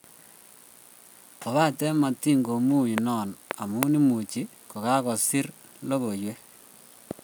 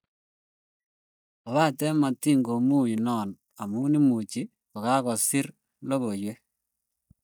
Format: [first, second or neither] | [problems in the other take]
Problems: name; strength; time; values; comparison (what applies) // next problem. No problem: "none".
first | noise reduction (neural mask model DeepFilterNet 3)